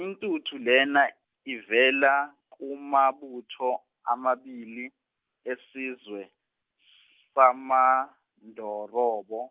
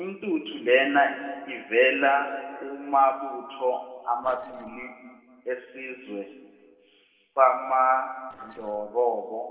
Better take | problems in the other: first | noise reduction (neural separator model SepFormer DNS4)

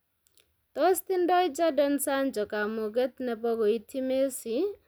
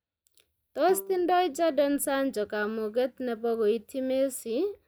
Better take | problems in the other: first | noise reduction (neural mask model DeepFilterNet 3)

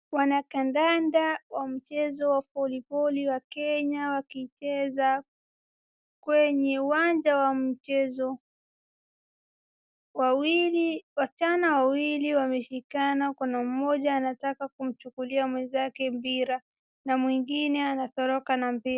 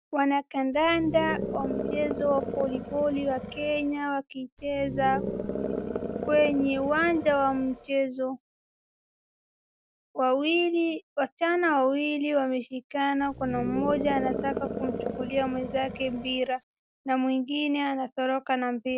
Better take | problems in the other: first | background sound (Animal); 6 dB below the speech

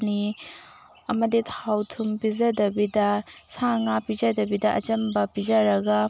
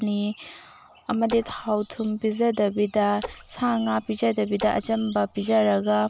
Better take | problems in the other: first | background sound (Splash, splatter); 18 dB below the speech

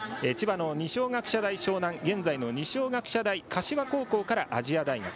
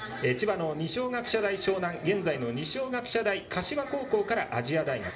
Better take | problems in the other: first | room echo; dies away in 0.5 s

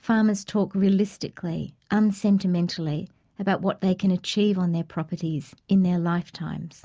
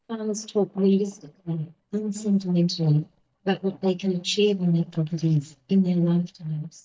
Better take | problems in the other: first | noise reduction (neural mask model DeepFilterNet 3)

